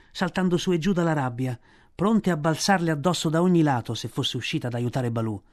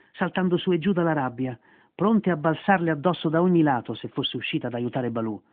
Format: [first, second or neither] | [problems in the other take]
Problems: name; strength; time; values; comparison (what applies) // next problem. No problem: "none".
first | phone-call audio; nothing above 3.5 kHz